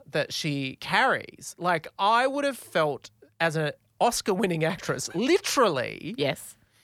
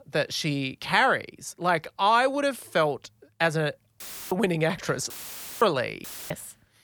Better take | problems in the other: first | audio cutting out; filled with static; at 4 s, at 5 s for 0.5 s and at 6 s

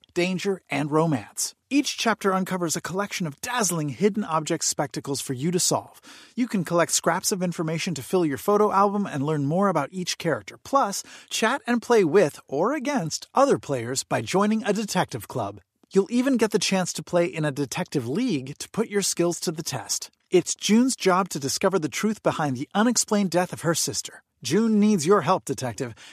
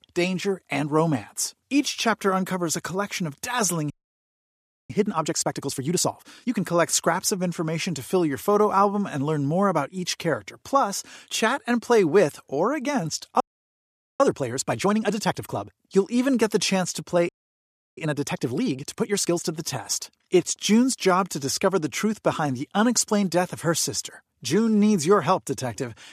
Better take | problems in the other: first | audio freezing; at 4 s for 1 s, at 13 s for 1 s and at 17 s for 0.5 s

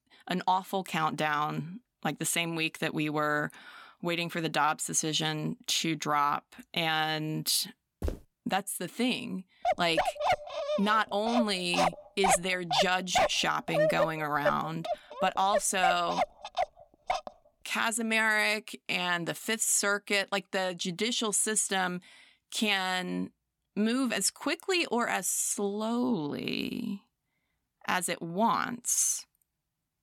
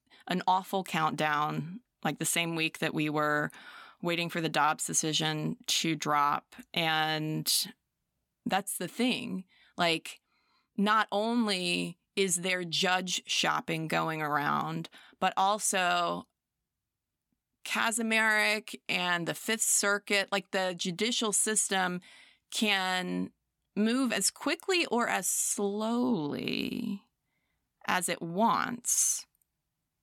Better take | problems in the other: second | footsteps; noticeable; at 8 s; peak 9 dB below the speech // dog barking; loud; from 9.5 to 17 s; peak 2 dB above the speech

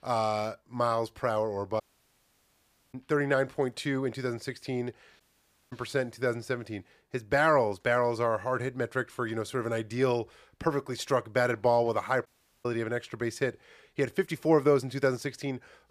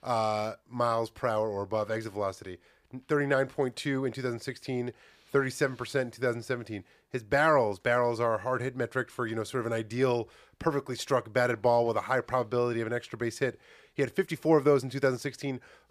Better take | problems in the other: second | audio cutting out; at 2 s for 1 s, at 5 s for 0.5 s and at 12 s

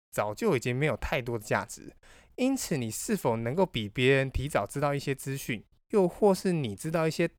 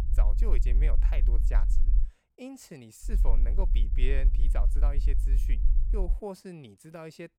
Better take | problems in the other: first | low rumble; loud; until 2 s and from 3 to 6 s; 9 dB below the speech

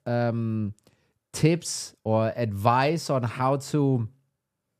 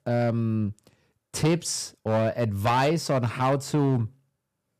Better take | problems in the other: first | distortion; slight; 6% of the sound clipped

